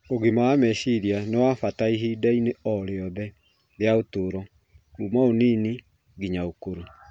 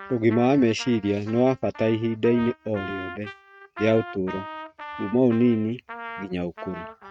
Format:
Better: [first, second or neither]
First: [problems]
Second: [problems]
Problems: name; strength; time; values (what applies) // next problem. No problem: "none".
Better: first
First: none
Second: noise reduction (neural mask model RNNoise)